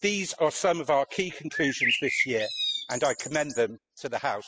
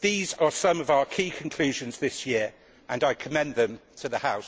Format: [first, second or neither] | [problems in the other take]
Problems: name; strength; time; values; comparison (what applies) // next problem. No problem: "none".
second | noise reduction (classical method spectral subtraction)